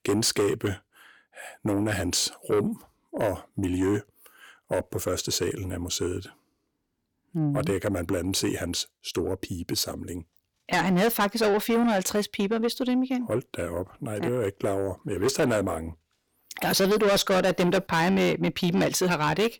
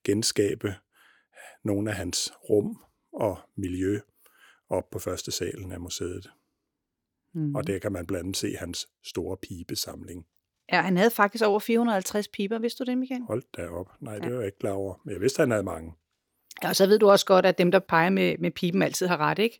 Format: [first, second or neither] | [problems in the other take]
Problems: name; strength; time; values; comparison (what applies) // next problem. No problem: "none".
second | distortion; heavy; 6 dB below the speech